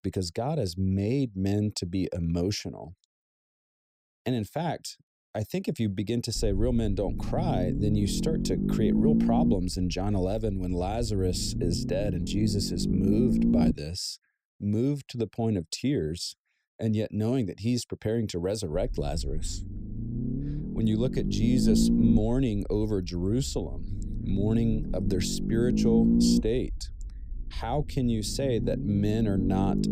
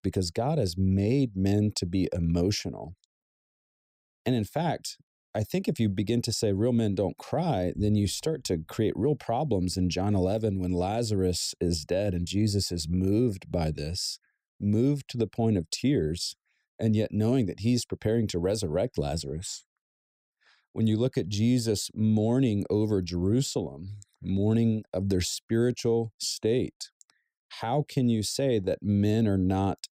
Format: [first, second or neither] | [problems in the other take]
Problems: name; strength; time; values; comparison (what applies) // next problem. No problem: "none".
second | low rumble; loud; from 6.5 to 14 s and from 19 s on; 2 dB below the speech